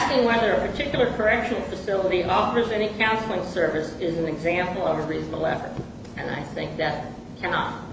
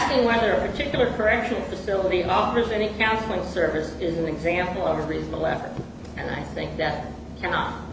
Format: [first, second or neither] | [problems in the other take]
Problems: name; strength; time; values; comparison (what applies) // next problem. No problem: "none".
first | background sound (Musical instrument); 17 dB below the speech